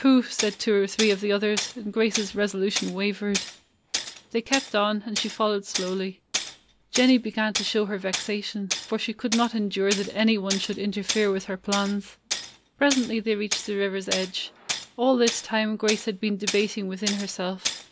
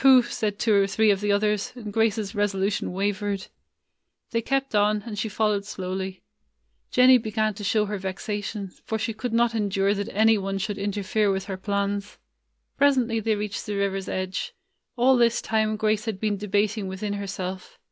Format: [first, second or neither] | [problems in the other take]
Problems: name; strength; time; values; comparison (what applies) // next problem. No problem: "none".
second | background sound (Tools); 8 dB below the speech